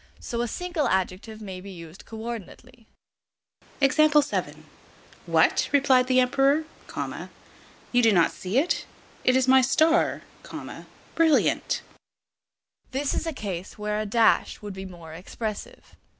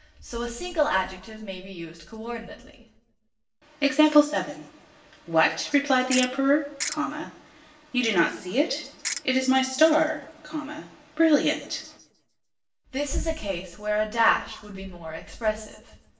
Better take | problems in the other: first | background sound (Ratchet, pawl); 6 dB below the speech // room echo; dies away in 0.8 s

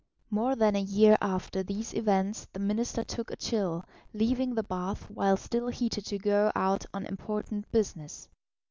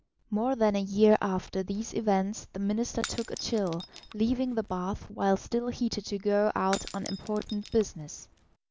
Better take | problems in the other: first | background sound (Shatter / Crushing); 17 dB below the speech

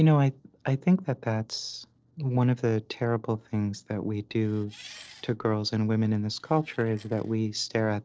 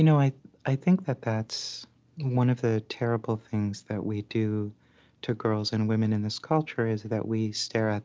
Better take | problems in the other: second | noise reduction (neural separator model SepFormer DNS4)

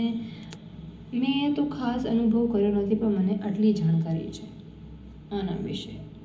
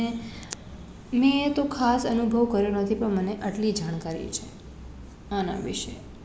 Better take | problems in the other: second | room echo; dies away in 0.4 s

